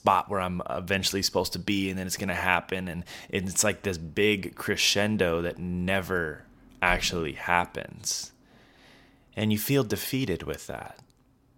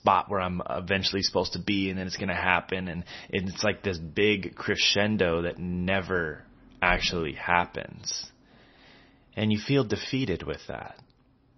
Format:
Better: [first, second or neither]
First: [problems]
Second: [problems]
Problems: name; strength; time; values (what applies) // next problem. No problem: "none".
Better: first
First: none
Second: garbled, watery; slightly; nothing above 6 kHz